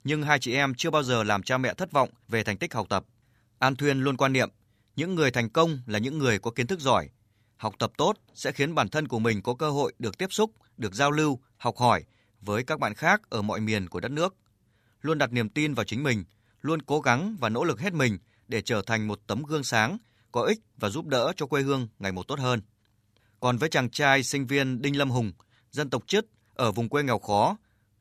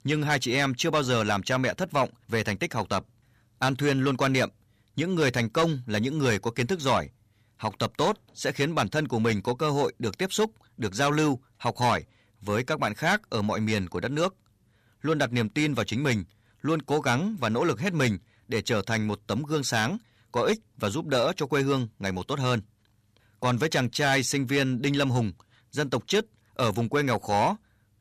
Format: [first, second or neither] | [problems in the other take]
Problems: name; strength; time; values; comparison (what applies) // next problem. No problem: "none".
first | distortion; slight; 10 dB below the speech